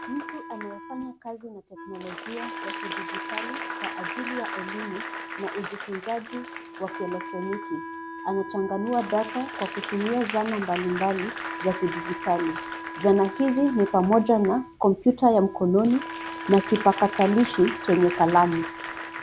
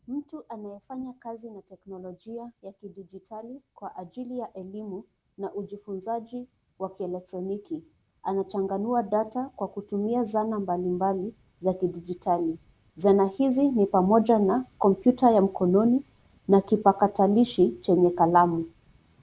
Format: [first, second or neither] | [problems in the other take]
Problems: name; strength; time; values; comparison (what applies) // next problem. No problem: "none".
second | background sound (Applause / Crowd + Wind instrument, woodwind instrument); 10 dB below the speech